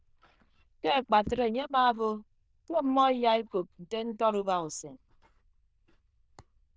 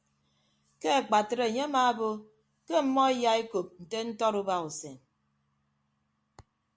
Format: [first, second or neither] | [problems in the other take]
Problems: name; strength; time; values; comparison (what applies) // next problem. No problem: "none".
second | noise reduction (neural diffusion model UNIVERSE++)